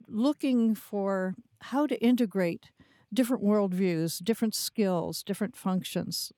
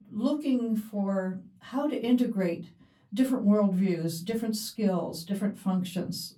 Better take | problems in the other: first | off-mic speech; far // room echo; very slight; dies away in 0.2 s

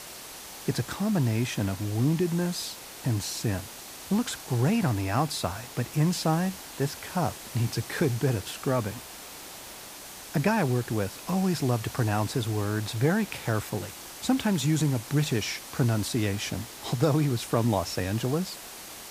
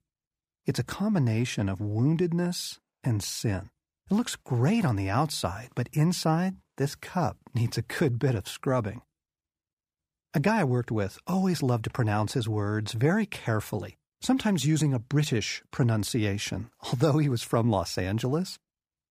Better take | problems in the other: second | hiss; noticeable; throughout; 10 dB below the speech

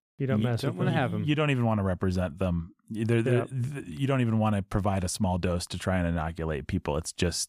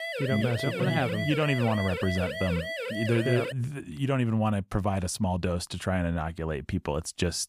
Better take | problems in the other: first | siren; noticeable; until 3.5 s; peak 4 dB below the speech

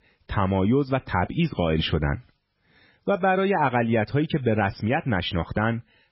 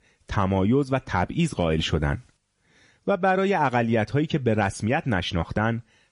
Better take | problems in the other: second | garbled, watery; badly; nothing above 5.5 kHz; slightly in the second

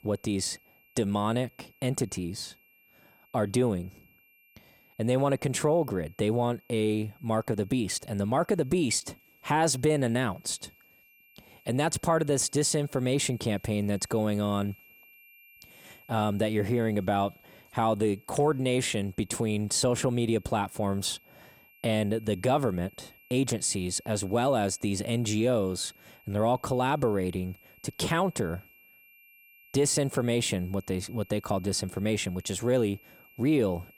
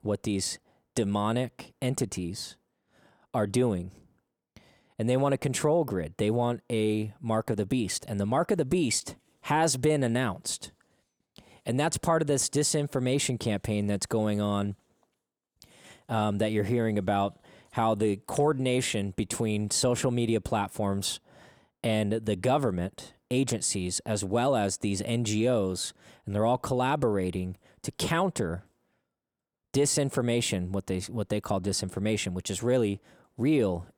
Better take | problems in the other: second | high-pitched whine; faint; throughout; 2.5 kHz, 30 dB below the speech

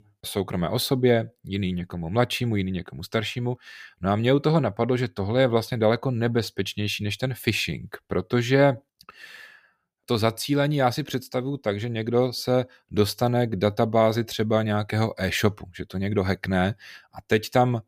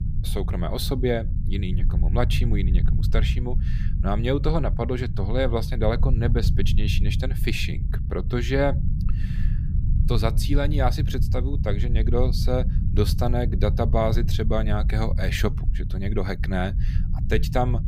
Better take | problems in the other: first | low rumble; noticeable; throughout; 10 dB below the speech

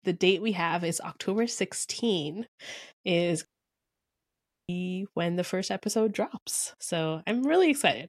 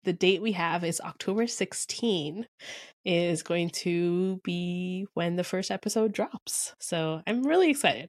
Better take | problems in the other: second | audio cutting out; at 3.5 s for 1 s

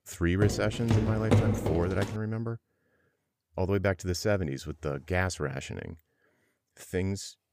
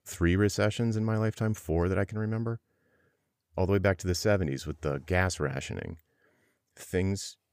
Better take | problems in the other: second | footsteps; loud; until 2 s; peak 5 dB above the speech

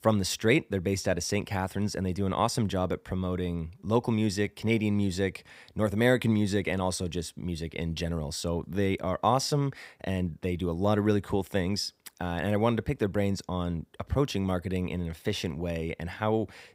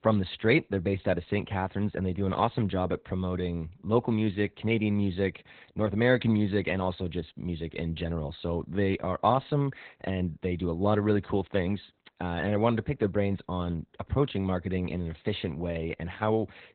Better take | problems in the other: first | garbled, watery; badly; nothing above 4 kHz

